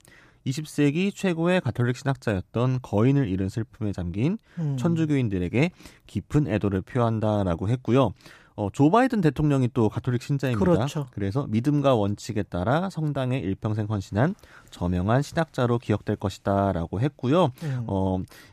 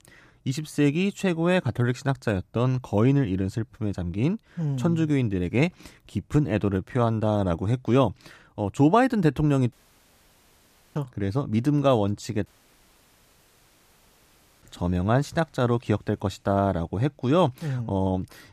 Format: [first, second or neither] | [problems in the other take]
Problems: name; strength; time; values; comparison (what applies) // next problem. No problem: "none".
first | audio cutting out; at 9.5 s for 1 s and at 12 s for 2 s